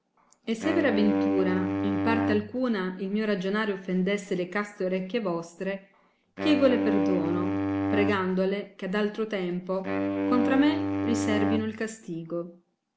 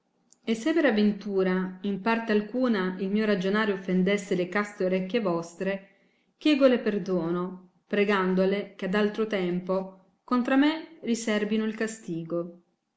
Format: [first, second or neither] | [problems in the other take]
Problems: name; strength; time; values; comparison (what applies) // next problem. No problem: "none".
second | background sound (Wind instrument, woodwind instrument); as loud as the speech